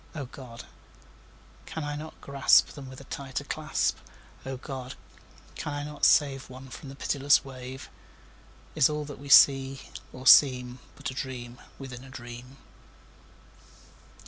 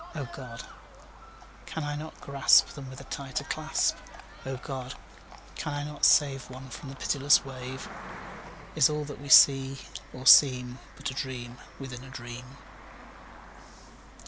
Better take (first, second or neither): first